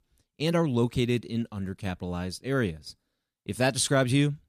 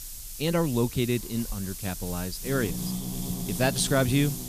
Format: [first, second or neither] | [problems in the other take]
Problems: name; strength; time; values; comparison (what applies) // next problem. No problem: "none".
first | hiss; loud; throughout; 6 dB below the speech